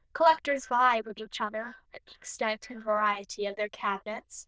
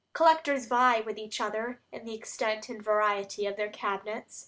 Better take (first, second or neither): second